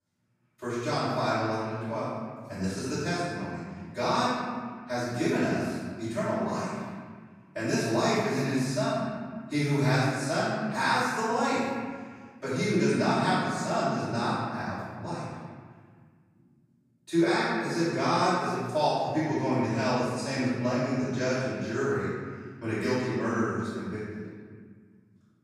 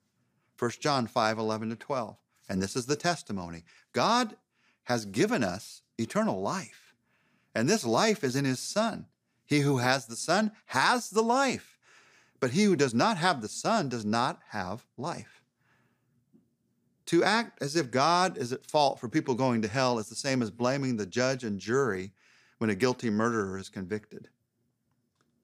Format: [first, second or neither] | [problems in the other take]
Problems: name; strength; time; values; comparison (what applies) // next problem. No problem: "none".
second | off-mic speech; far // room echo; strong; dies away in 1.8 s